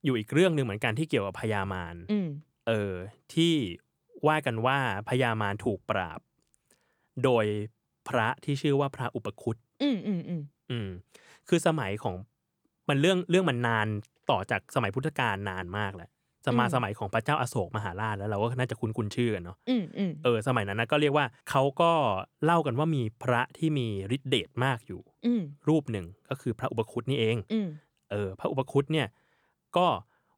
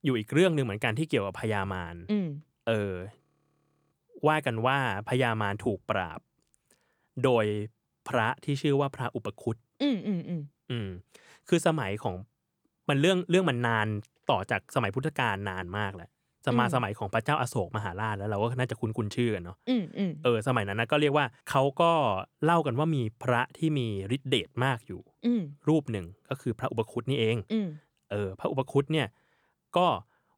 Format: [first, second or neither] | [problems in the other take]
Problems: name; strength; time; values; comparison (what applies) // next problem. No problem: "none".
first | audio freezing; at 3 s for 0.5 s